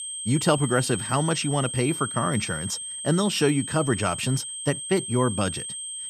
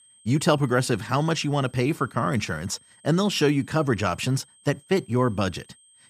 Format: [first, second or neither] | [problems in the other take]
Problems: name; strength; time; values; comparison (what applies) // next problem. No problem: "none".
second | high-pitched whine; loud; throughout; 8 kHz, 6 dB below the speech; faint in the second